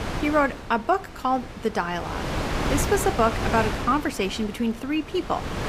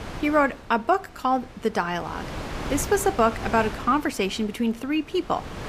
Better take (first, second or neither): second